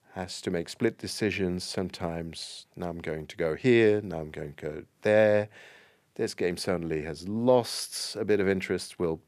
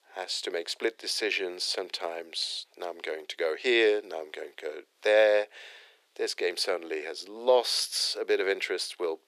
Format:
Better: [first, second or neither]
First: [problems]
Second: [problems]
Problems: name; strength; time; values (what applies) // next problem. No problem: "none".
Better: first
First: none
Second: thin; very; fading below 400 Hz